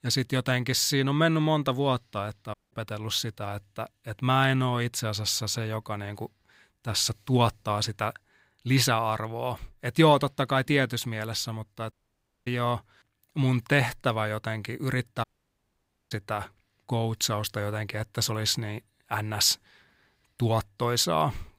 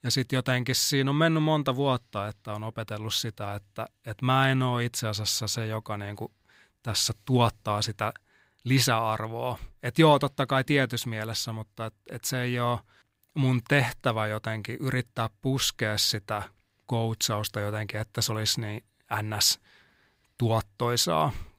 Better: second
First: audio cutting out; at 2.5 s, at 12 s for 0.5 s and at 15 s for 1 s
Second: none

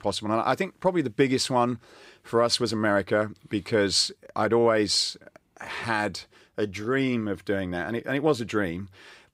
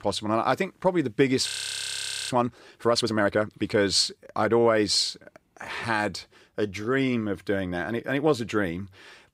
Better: first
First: none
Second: audio freezing; at 1.5 s for 1 s

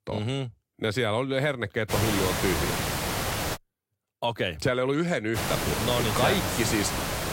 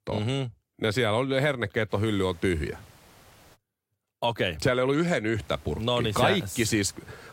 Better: second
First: hiss; loud; from 2 to 3.5 s and from 5.5 s on; 1 dB below the speech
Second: hiss; faint; from 2 to 3.5 s and from 5.5 s on; 25 dB below the speech

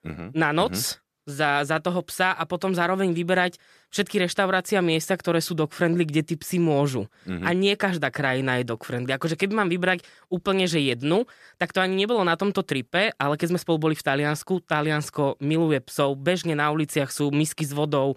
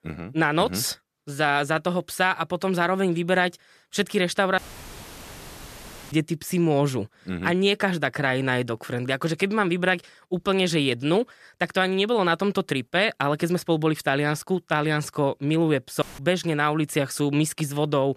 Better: first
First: none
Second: audio cutting out; filled with static; at 4.5 s for 1.5 s and at 16 s

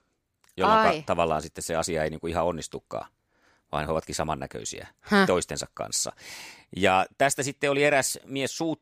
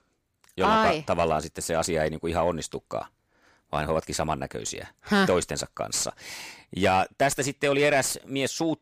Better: first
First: none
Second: distortion; slight; 10 dB below the speech

